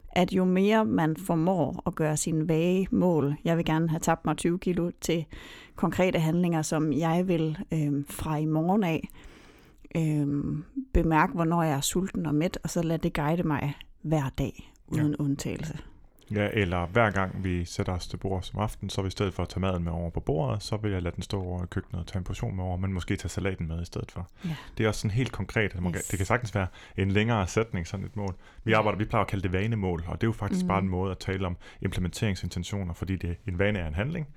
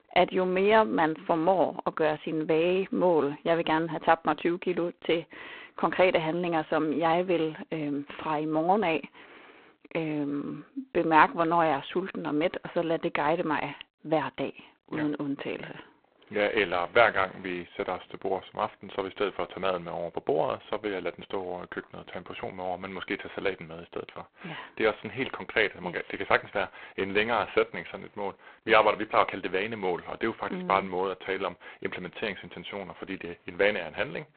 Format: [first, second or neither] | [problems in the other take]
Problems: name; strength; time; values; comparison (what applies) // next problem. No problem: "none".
first | phone-call audio; poor line